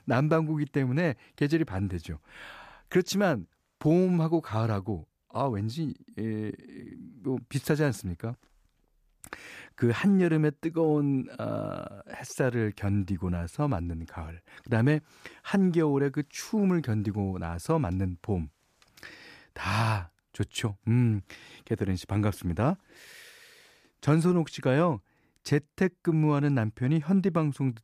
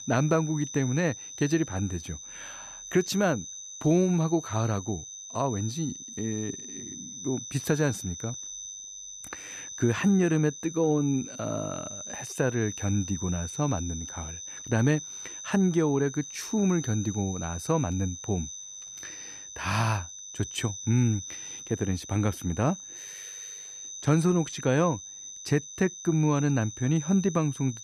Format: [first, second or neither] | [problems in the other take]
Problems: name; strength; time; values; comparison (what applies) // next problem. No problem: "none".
first | high-pitched whine; noticeable; throughout; 6 kHz, 10 dB below the speech